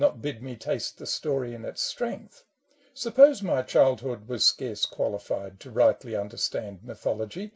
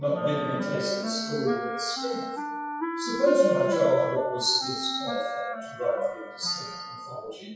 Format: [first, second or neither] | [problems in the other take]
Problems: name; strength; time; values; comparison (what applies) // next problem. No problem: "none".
first | noise reduction (classical method WPE with log-MMSE)